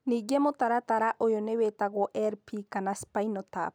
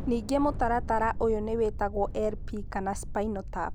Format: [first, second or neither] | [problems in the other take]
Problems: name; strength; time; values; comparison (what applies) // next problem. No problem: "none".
first | background sound (Thunder); 6 dB below the speech